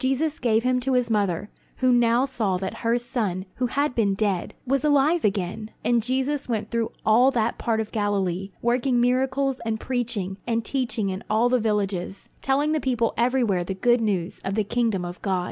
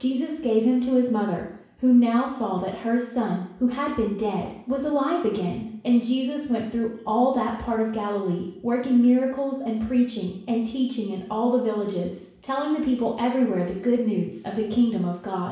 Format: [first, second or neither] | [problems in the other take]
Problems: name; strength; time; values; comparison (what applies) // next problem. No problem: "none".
first | room echo; dies away in 0.7 s